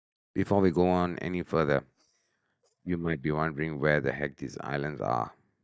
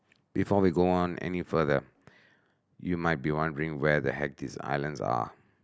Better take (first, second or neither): second